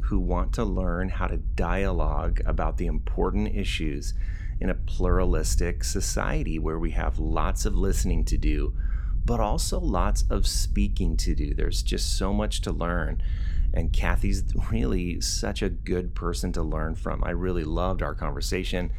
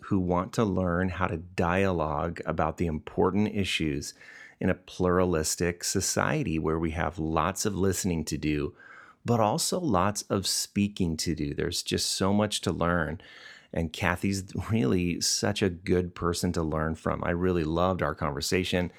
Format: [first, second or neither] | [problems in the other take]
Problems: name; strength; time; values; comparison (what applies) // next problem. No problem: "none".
second | low rumble; faint; throughout; 20 dB below the speech